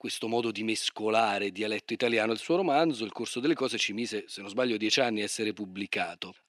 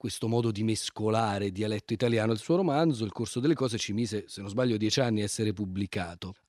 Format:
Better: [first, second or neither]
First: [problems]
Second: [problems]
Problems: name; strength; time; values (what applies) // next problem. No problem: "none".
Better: second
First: thin; somewhat; fading below 300 Hz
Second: none